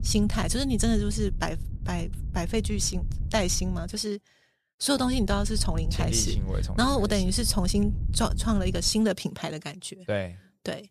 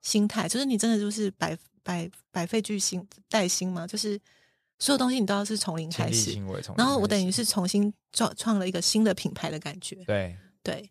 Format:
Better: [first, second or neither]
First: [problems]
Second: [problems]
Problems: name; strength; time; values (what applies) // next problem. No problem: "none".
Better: second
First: wind noise on the microphone; occasional gusts; until 4 s and from 5 to 9 s; 20 dB below the speech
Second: none